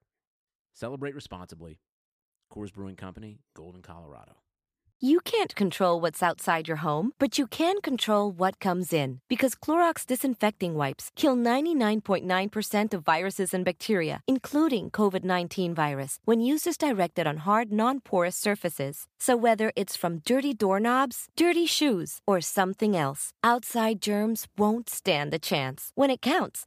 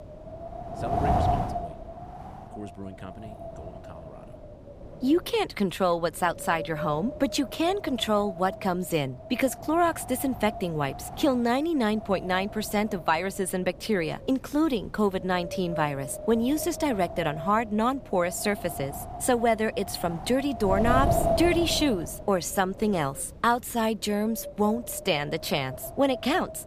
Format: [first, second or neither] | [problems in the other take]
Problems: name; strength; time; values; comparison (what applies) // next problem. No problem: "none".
first | wind noise on the microphone; heavy; 7 dB below the speech